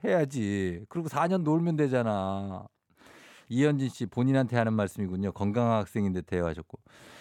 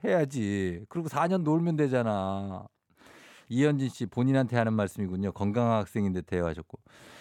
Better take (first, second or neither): neither